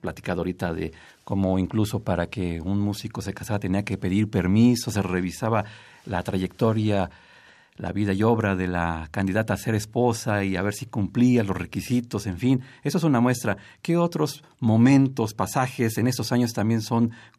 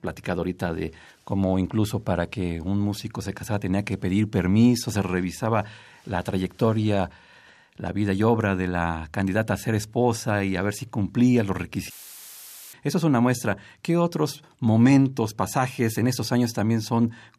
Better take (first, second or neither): first